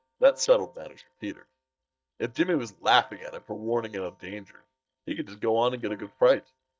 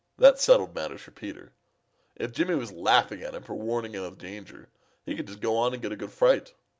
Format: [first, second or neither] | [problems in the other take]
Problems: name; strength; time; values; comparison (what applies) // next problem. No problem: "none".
second | noise reduction (neural mask model DeepFilterNet 3)